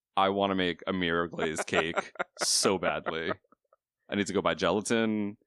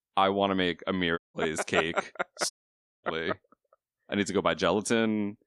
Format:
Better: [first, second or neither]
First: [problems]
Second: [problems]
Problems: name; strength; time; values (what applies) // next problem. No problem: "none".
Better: first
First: none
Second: audio cutting out; at 1 s and at 2.5 s for 0.5 s